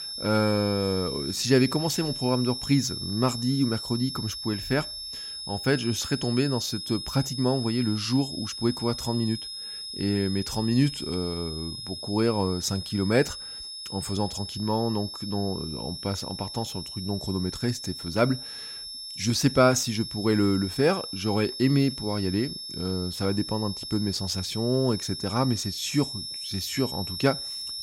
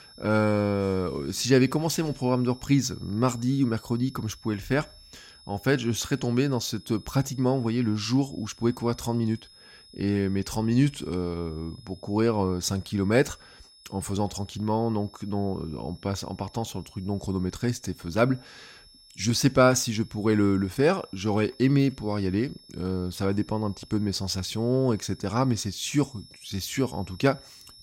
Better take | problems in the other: second | high-pitched whine; loud; throughout; 5.5 kHz, 7 dB below the speech; faint in the second

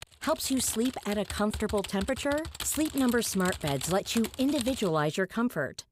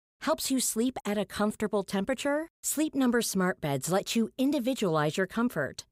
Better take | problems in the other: second | keyboard typing; noticeable; until 5 s; peak 8 dB below the speech

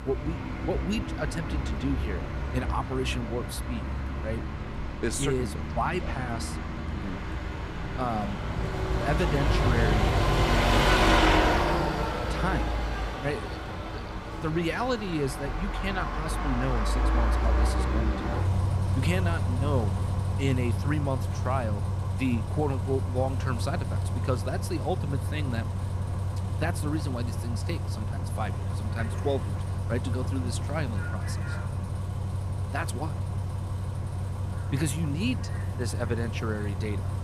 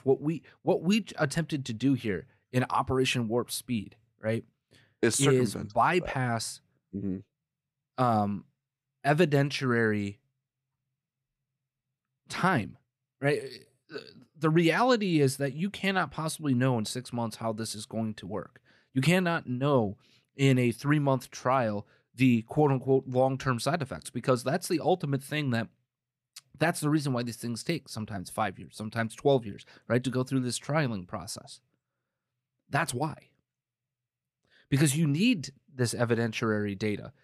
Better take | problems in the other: second | traffic noise; very loud; throughout; 3 dB above the speech

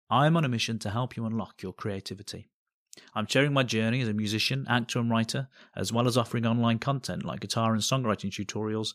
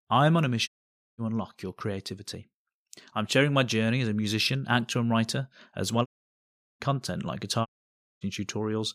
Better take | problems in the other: first | audio cutting out; at 0.5 s, at 6 s for 0.5 s and at 7.5 s for 0.5 s

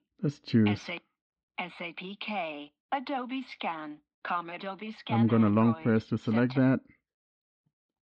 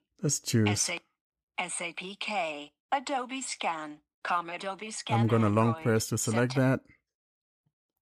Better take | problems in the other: second | muffled; slightly; fading above 4 kHz

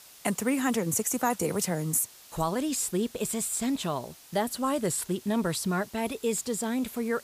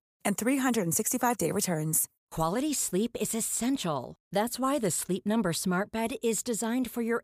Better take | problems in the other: second | hiss; noticeable; throughout; 20 dB below the speech

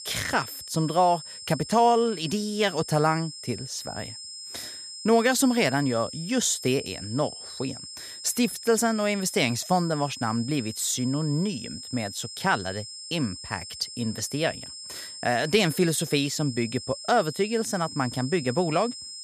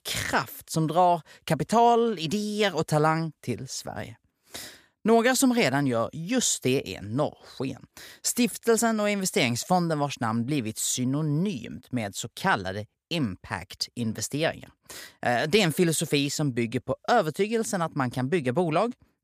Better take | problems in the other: second | high-pitched whine; noticeable; throughout; 5 kHz, 10 dB below the speech

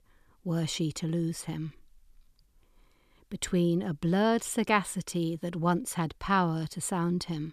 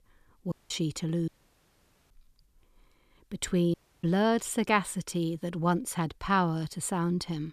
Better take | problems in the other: first | audio cutting out; at 0.5 s, at 1.5 s for 1 s and at 3.5 s

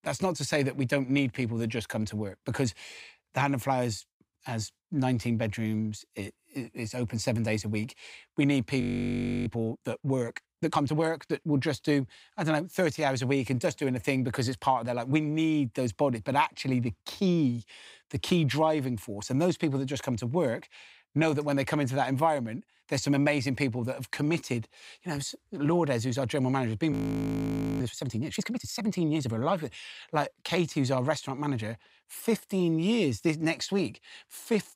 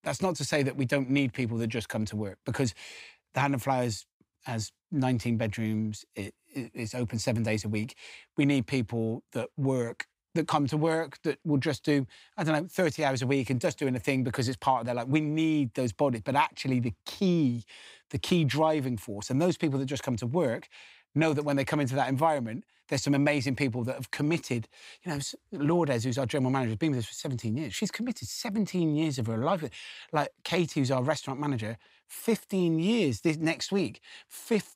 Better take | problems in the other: second | audio freezing; at 9 s for 0.5 s and at 27 s for 1 s

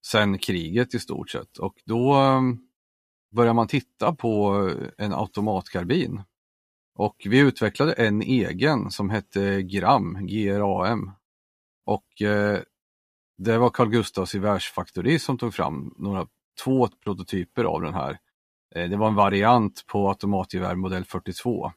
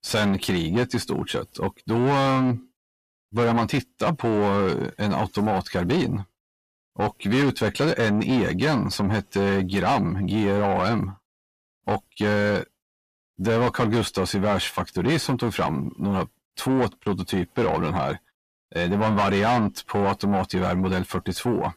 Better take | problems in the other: first | distortion; heavy; 6 dB below the speech

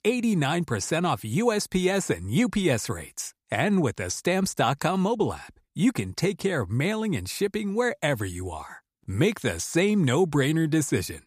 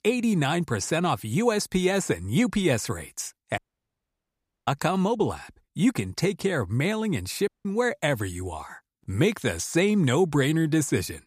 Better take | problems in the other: first | audio cutting out; at 3.5 s for 1 s and at 7.5 s

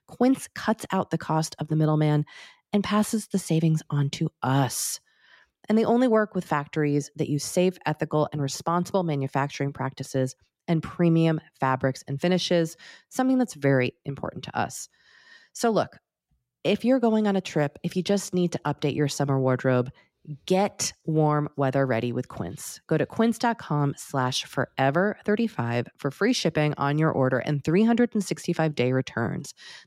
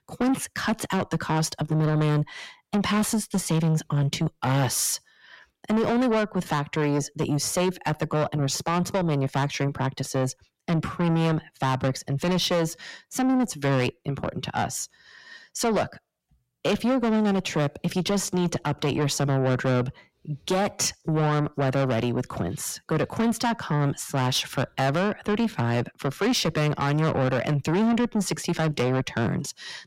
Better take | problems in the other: first | distortion; heavy; 7 dB below the speech

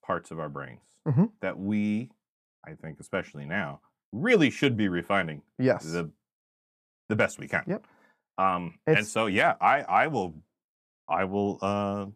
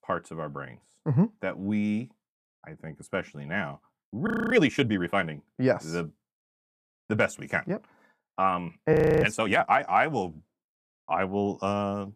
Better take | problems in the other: first | audio freezing; at 4.5 s and at 9 s

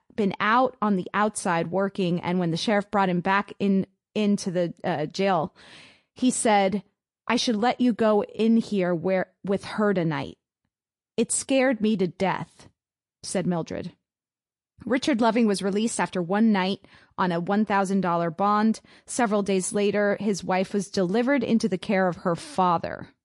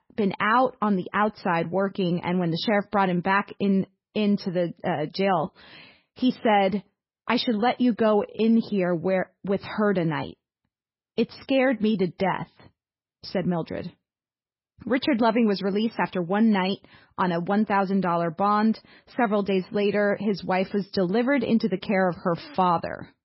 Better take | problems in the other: first | garbled, watery; badly; nothing above 5.5 kHz; slightly in the first

